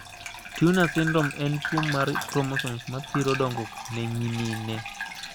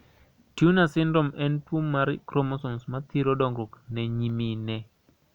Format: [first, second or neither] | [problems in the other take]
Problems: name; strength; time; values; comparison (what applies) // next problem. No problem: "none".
second | background sound (Bathtub (filling or washing) / Gurgling); 7 dB below the speech